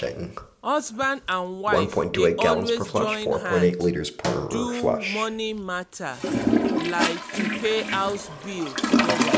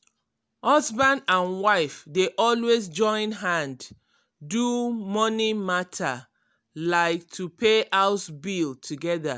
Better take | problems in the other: second | background sound (Toilet flush); 3 dB above the speech

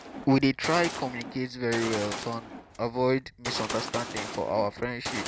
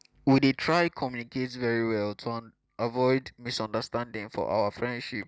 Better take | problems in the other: second | background sound (Gunshot, gunfire); 9 dB below the speech

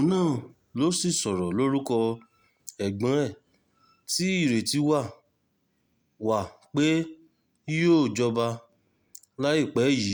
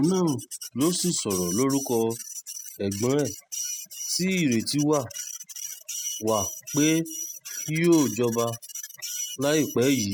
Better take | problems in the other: first | noise reduction (classical method spectral subtraction)

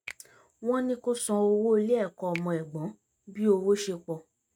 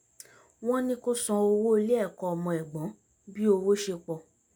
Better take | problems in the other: second | noise reduction (neural mask model RNNoise)

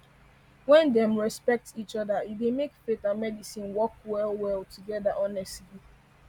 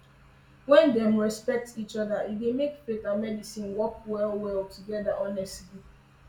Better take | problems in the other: first | room echo; dies away in 0.3 s

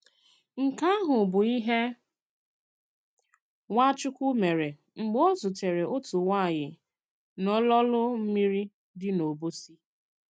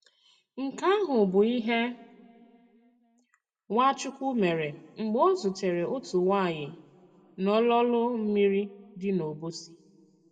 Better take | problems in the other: first | room echo; dies away in 1.2 s

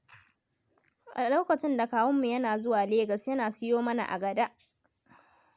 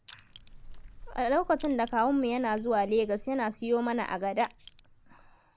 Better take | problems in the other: first | background sound (Crushing + Bird); 18 dB below the speech

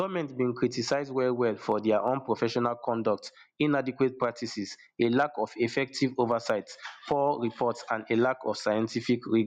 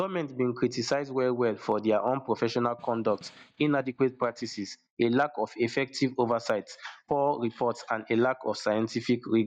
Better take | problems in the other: first | noise reduction (neural mask model DeepFilterNet 3)

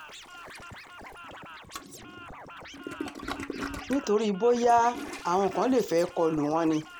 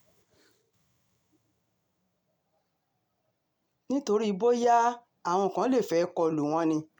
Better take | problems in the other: second | background sound (Toilet flush + Scratching (performance technique)); 12 dB below the speech

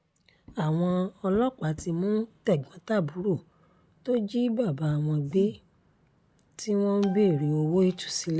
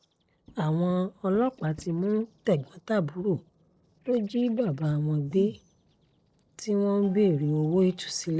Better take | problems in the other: first | noise reduction (neural separator model SepFormer DNS4)

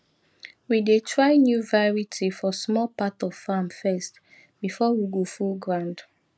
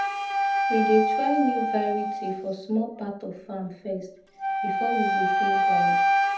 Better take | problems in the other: first | background sound (Wind instrument, woodwind instrument); 3 dB above the speech // room echo; dies away in 0.6 s

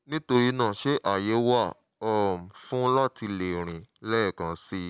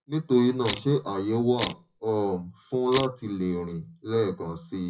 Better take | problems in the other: first | noise reduction (classical method WPE with log-MMSE)

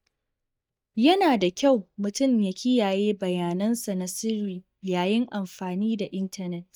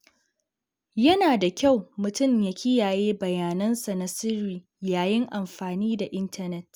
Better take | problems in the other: second | noise reduction (neural mask model DeepFilterNet 3)

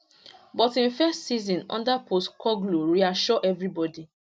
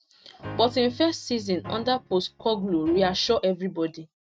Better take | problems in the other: first | noise reduction (neural mask model RNNoise)

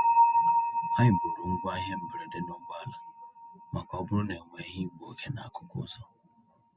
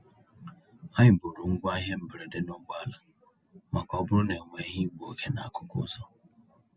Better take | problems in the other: second | background sound (Bell); 3 dB above the speech

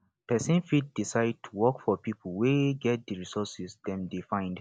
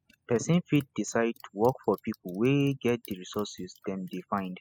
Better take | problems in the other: first | noise reduction (classical method spectral subtraction)

